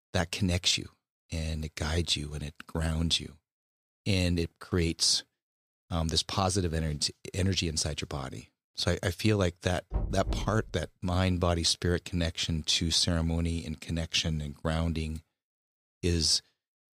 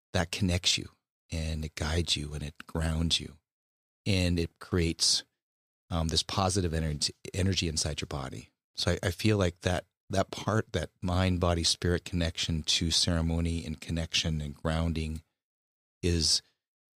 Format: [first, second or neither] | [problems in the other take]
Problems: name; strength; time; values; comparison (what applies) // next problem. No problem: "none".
second | door banging; noticeable; at 10 s; peak 5 dB below the speech